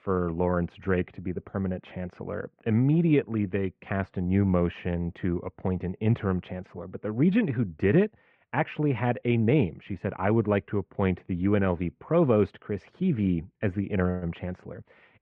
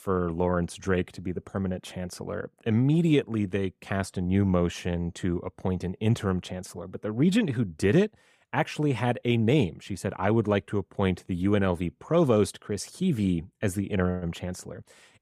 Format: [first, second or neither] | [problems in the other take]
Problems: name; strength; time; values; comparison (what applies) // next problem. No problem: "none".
second | muffled; very; fading above 2.5 kHz